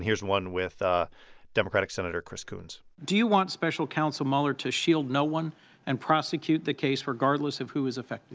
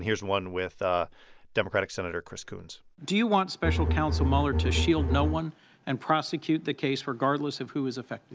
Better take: first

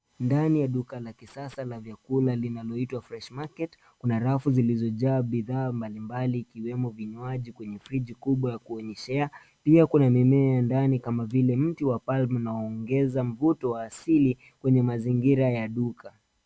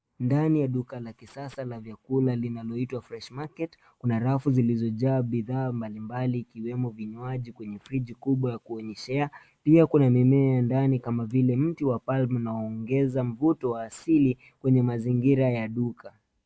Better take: first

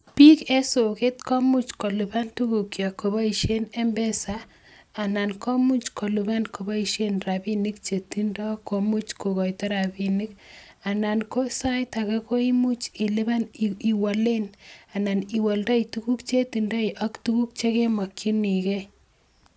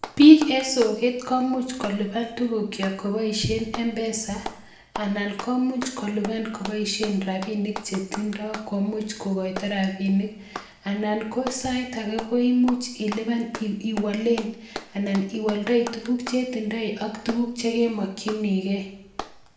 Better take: first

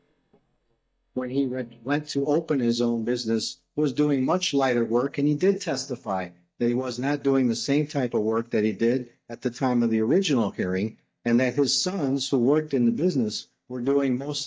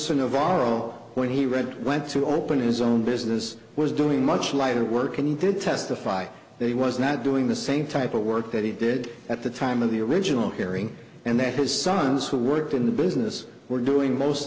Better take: second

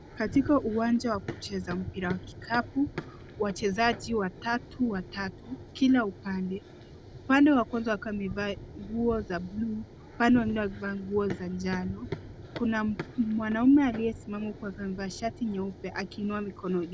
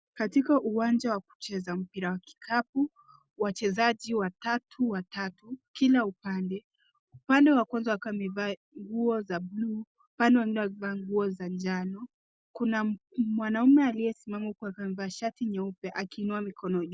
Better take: second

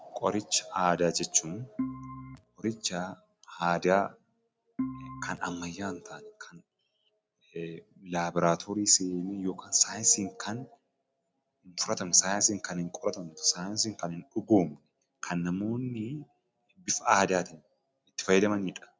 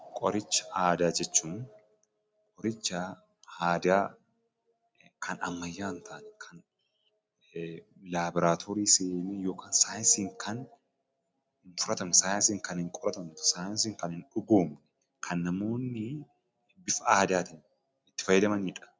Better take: second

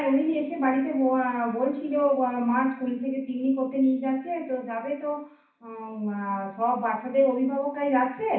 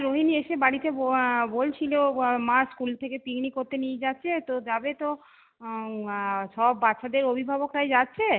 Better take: second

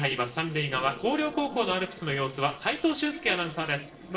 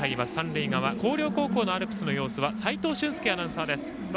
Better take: second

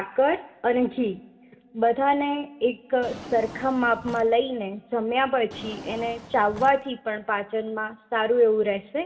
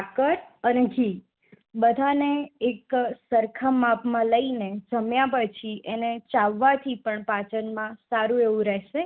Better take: second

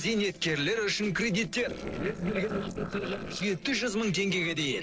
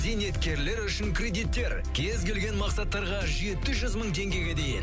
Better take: second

